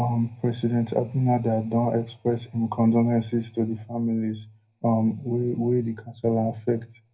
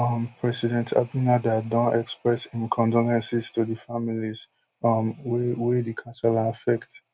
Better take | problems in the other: second | room echo; dies away in 0.5 s

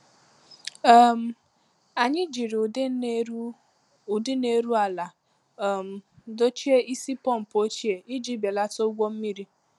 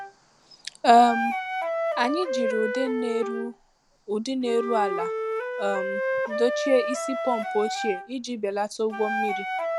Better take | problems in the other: first | background sound (Wind instrument, woodwind instrument); 3 dB below the speech

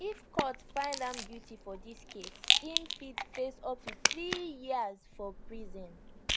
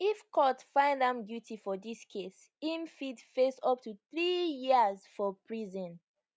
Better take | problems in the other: second | background sound (Rattle); 3 dB above the speech

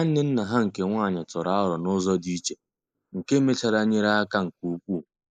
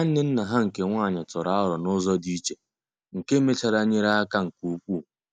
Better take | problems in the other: second | noise reduction (neural mask model Resemble Enhance denoiser)

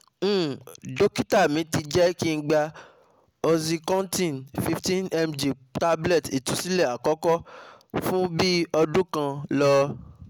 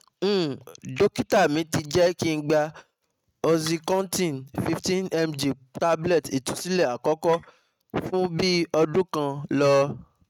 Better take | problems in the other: first | noise reduction (neural mask model RNNoise)

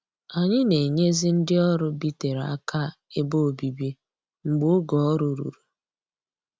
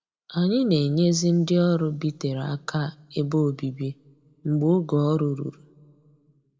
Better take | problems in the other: first | room echo; dies away in 0.3 s

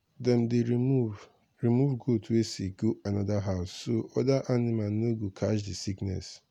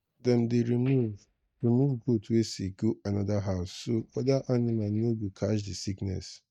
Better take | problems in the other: first | noise reduction (neural mask model DeepFilterNet 3)

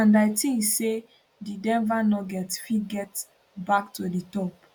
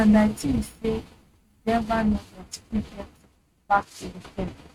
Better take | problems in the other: first | noise reduction (neural mask model RNNoise)

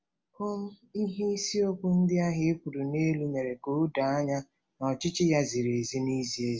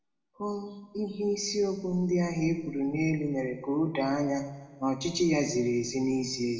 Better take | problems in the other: first | room echo; dies away in 1.3 s

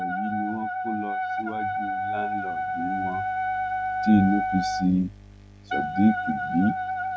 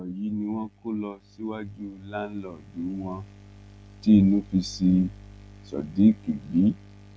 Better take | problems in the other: second | background sound (Wind instrument, woodwind instrument); 1 dB below the speech

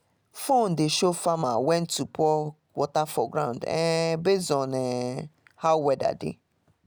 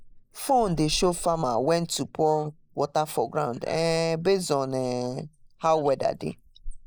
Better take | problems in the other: first | noise reduction (neural mask model Resemble Enhance denoiser)

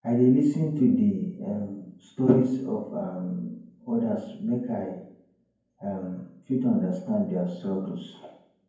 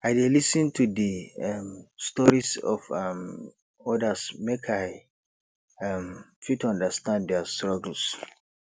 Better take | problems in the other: second | room echo; dies away in 0.9 s

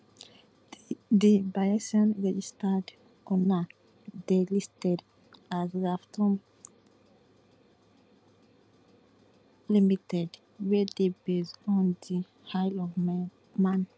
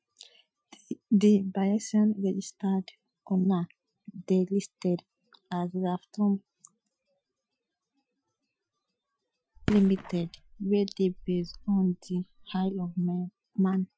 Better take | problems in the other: first | noise reduction (classical method Wiener filter)

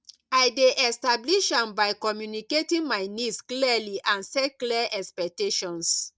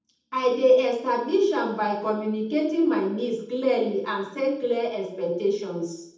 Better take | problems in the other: first | room echo; dies away in 0.8 s

